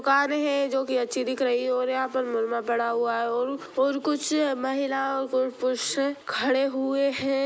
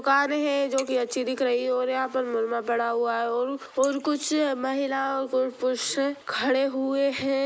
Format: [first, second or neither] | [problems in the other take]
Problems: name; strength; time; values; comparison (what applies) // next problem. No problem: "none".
first | noise reduction (neural mask model Resemble Enhance denoiser)